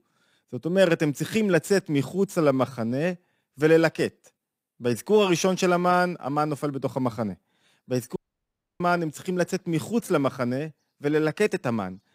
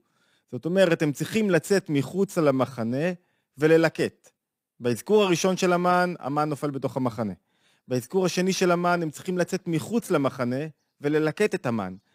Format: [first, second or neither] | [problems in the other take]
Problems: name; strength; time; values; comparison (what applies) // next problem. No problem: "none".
second | audio cutting out; at 8 s for 0.5 s